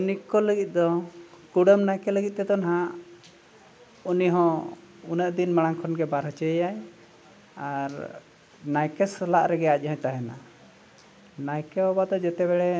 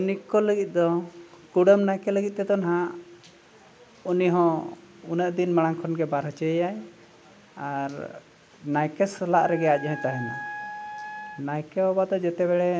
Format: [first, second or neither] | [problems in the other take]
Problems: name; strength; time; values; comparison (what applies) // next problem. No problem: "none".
first | background sound (Wind instrument, woodwind instrument); 12 dB below the speech